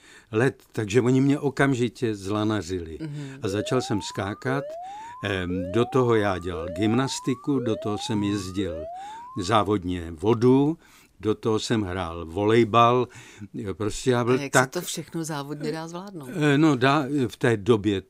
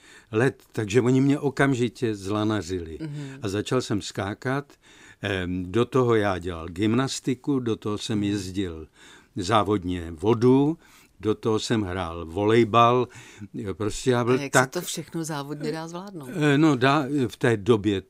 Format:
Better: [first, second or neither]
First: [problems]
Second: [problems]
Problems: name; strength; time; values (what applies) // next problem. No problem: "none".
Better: second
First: alarm; faint; from 3.5 to 9.5 s; peak 10 dB below the speech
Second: none